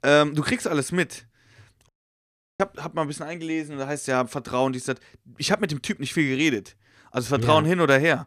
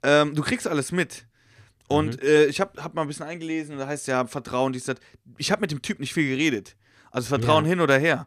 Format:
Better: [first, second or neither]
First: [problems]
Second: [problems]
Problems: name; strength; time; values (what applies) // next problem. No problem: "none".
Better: second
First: audio cutting out; at 2 s for 0.5 s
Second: none